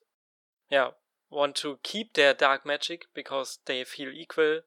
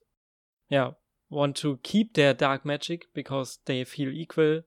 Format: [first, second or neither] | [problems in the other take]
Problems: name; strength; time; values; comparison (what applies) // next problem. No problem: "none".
second | thin; somewhat; fading below 550 Hz